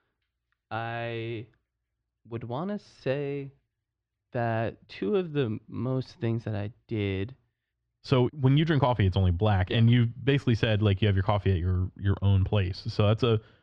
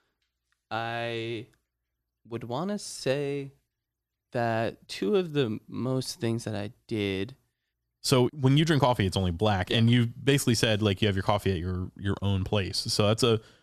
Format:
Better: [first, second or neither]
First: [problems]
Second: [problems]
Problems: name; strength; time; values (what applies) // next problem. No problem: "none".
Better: second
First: muffled; slightly; fading above 3 kHz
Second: none